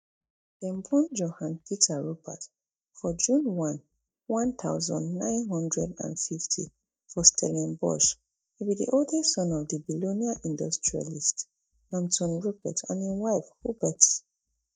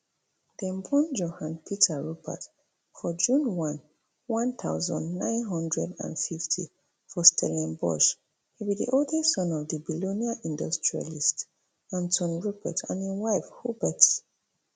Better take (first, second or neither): second